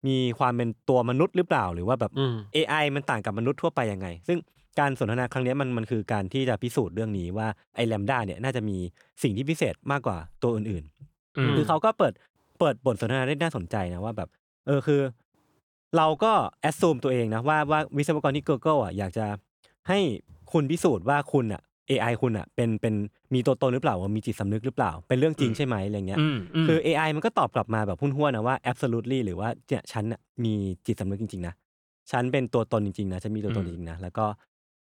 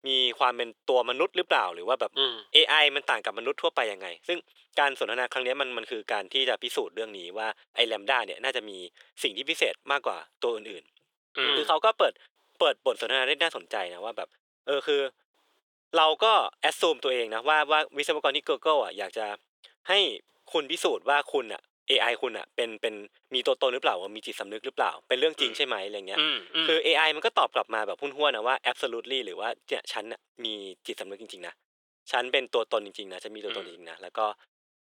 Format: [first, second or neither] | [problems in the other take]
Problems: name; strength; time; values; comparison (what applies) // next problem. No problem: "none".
first | thin; very; fading below 450 Hz